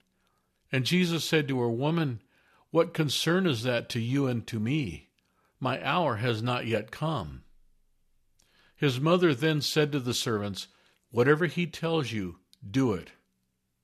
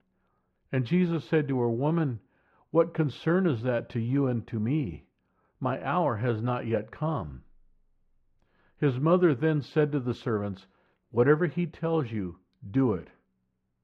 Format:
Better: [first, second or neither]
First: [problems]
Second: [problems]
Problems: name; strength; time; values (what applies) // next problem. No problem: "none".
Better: first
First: none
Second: muffled; very; fading above 3.5 kHz